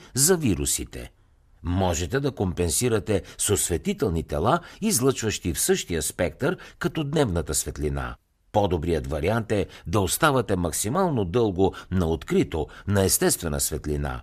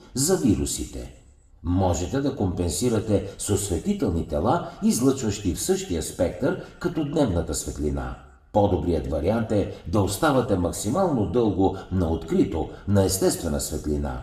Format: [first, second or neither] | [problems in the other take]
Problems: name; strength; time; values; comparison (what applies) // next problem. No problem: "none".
first | room echo; very slight; dies away in 0.7 s